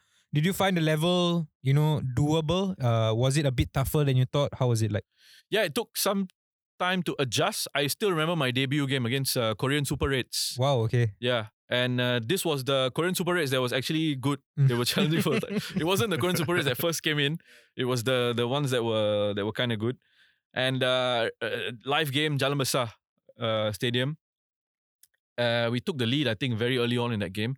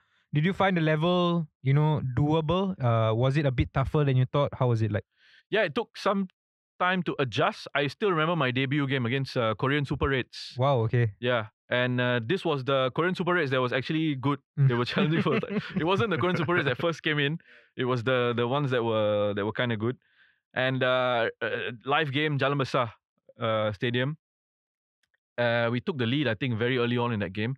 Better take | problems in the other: first | muffled; slightly; fading above 2.5 kHz

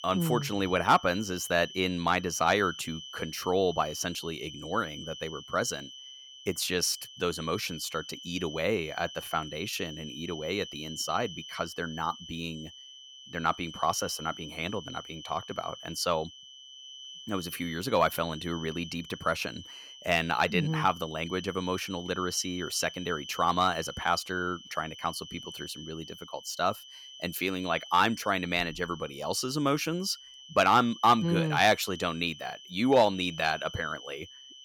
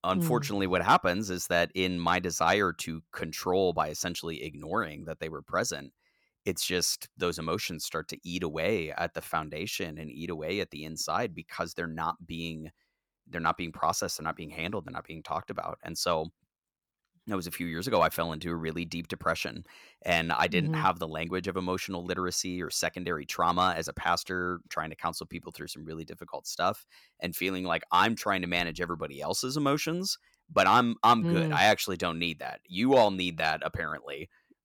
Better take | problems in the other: second | high-pitched whine; noticeable; throughout; 3 kHz, 15 dB below the speech

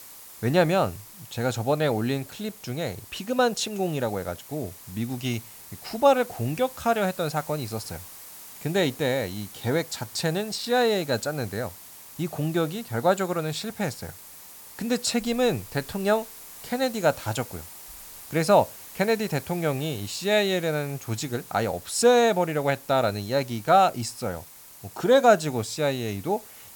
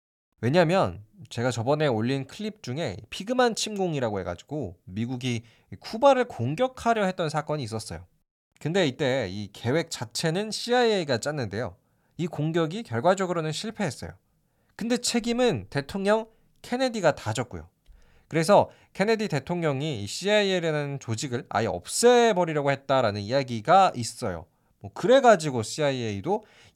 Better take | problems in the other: second | hiss; noticeable; throughout; 15 dB below the speech

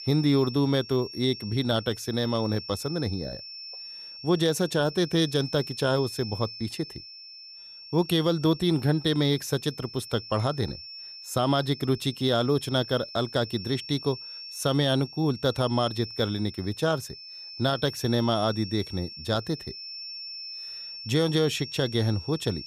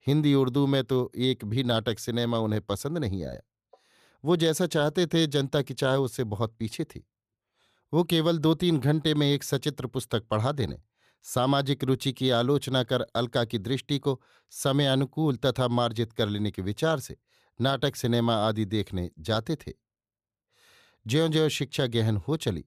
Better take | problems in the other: second | high-pitched whine; noticeable; throughout; 5.5 kHz, 10 dB below the speech

